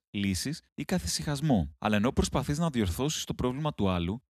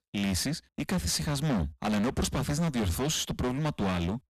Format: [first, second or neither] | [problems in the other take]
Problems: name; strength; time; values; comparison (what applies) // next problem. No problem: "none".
first | distortion; heavy; 24% of the sound clipped